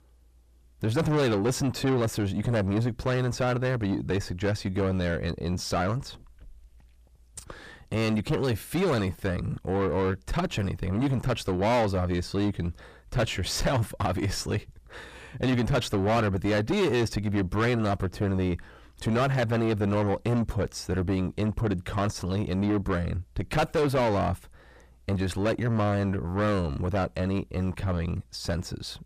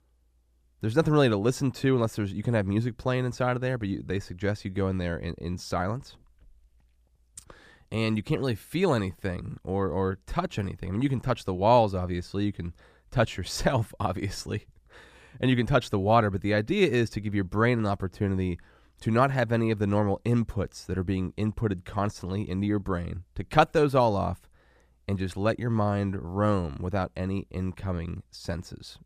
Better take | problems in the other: second | distortion; heavy; 5 dB below the speech

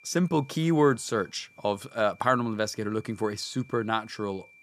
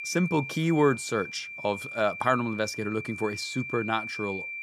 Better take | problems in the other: first | high-pitched whine; loud; throughout; 2.5 kHz, 8 dB below the speech; faint in the first

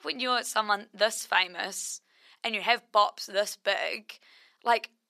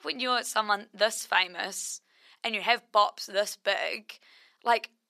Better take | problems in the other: neither | thin; somewhat; fading below 550 Hz; the same in both

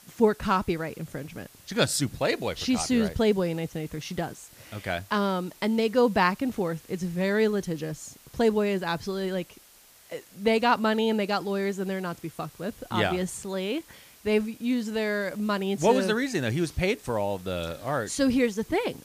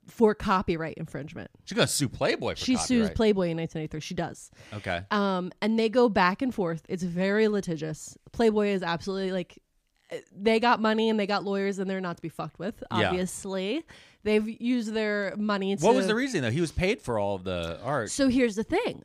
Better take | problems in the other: second | hiss; faint; throughout; 25 dB below the speech

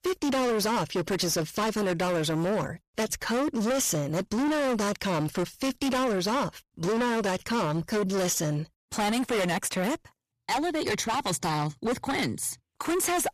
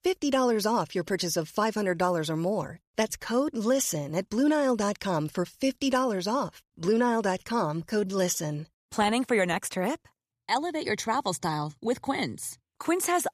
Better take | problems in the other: second | distortion; heavy; 27% of the sound clipped

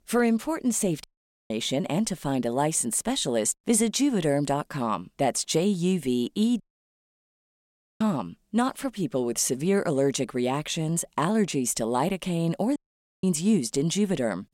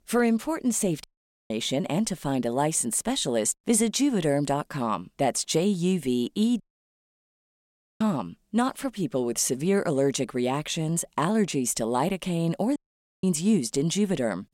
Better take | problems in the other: neither | audio cutting out; at 1 s, at 6.5 s for 1.5 s and at 13 s; the same in both

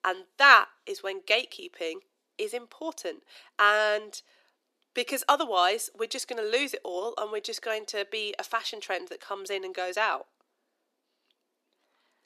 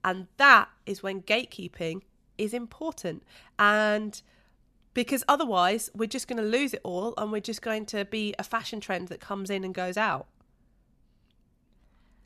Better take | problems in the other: second | thin; somewhat; fading below 300 Hz

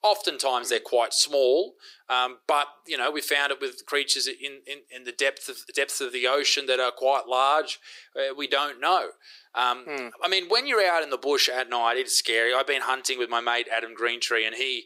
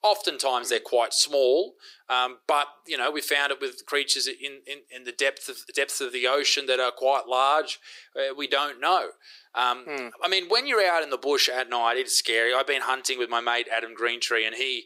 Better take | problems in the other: neither | thin; very; fading below 350 Hz; the same in both

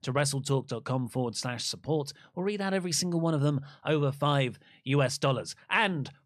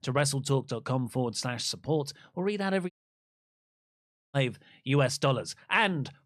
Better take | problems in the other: first | audio cutting out; at 3 s for 1.5 s

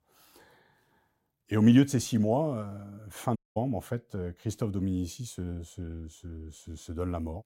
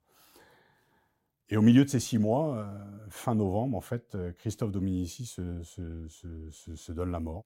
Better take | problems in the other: second | audio cutting out; at 3.5 s

